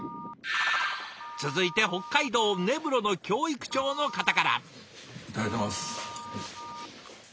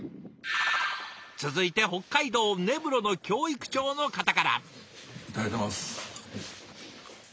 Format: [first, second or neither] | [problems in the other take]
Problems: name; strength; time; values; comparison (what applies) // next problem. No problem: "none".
second | background sound (Telephone); 14 dB below the speech